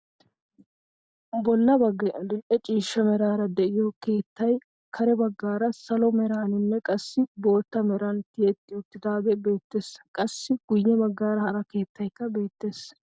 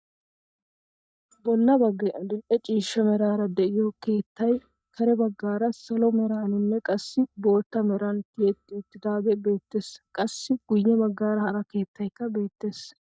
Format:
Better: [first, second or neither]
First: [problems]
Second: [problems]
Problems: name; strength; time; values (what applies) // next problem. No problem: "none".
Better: first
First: none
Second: noise reduction (neural mask model DeepFilterNet 3)